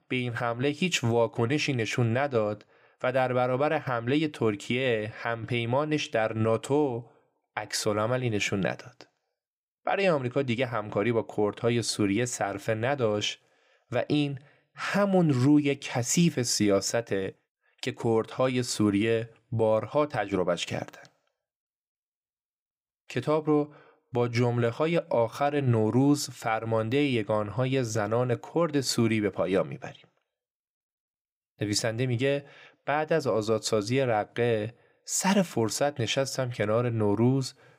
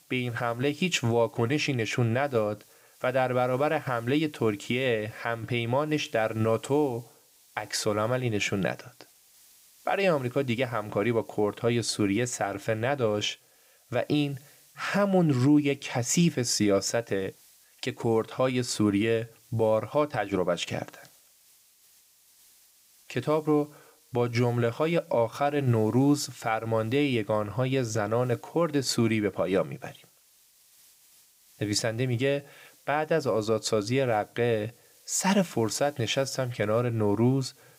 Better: first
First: none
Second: hiss; faint; throughout; 30 dB below the speech

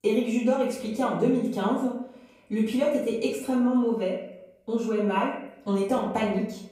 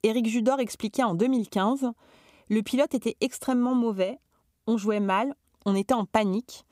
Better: second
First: off-mic speech; far // room echo; noticeable; dies away in 0.7 s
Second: none

